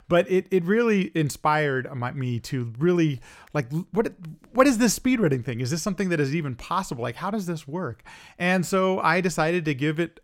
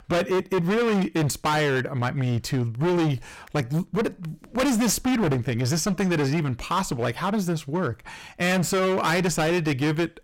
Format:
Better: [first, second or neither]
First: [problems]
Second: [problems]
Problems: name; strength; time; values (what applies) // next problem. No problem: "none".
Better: first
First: none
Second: distortion; heavy; 23% of the sound clipped